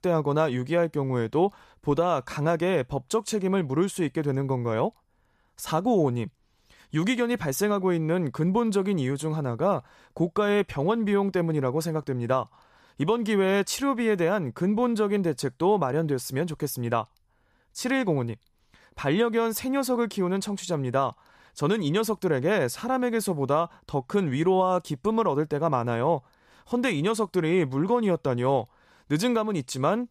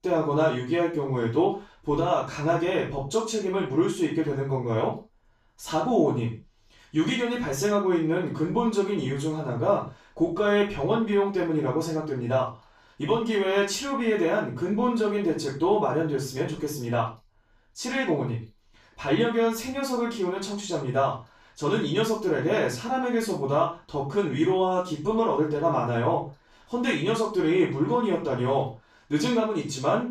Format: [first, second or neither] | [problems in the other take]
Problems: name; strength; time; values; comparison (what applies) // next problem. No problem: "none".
first | room echo; noticeable; dies away in 0.3 s // off-mic speech; far